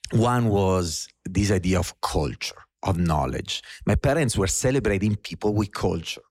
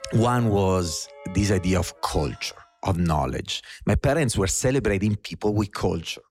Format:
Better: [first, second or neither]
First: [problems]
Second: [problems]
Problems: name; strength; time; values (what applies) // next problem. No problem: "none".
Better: first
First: none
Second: background music; faint; until 2.5 s; 20 dB below the speech